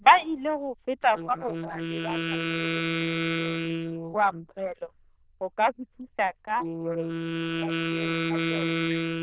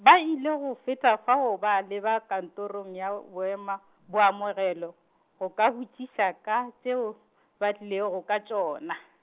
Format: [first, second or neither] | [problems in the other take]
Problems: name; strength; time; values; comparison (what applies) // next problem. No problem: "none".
second | noise reduction (neural diffusion model UNIVERSE++)